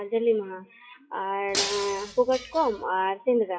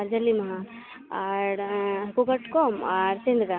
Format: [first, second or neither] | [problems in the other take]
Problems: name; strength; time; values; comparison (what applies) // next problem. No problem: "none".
second | noise reduction (classical method WPE with log-MMSE)